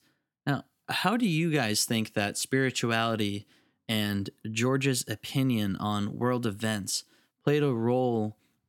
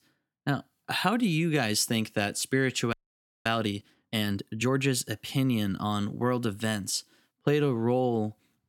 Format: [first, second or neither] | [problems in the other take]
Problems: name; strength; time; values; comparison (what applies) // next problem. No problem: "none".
first | audio freezing; at 3 s for 0.5 s